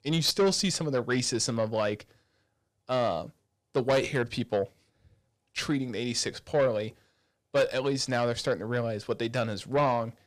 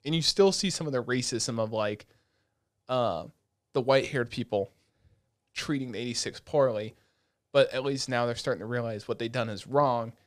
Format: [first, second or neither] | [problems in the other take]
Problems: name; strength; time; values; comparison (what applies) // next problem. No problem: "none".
second | distortion; slight; 10 dB below the speech